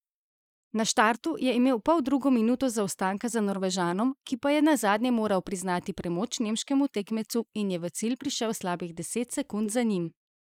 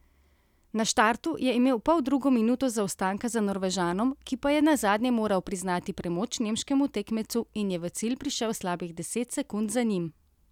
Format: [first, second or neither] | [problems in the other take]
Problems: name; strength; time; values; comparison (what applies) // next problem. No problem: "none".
second | noise reduction (neural mask model Resemble Enhance denoiser)